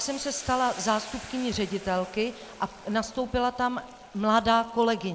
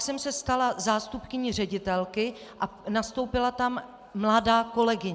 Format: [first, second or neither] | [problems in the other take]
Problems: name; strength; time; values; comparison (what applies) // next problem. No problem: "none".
second | background sound (Boiling); 18 dB below the speech